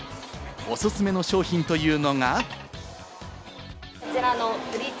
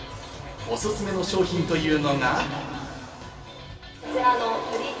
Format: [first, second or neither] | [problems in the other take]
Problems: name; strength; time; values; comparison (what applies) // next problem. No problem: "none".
first | room echo; dies away in 2.5 s